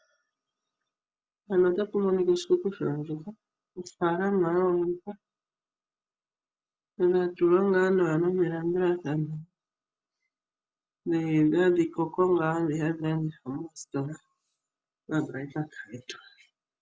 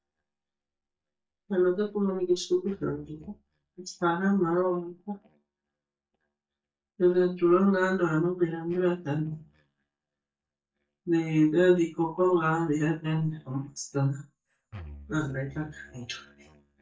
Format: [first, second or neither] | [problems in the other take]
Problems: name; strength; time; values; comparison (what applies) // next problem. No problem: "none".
first | noise reduction (neural mask model DeepFilterNet 3)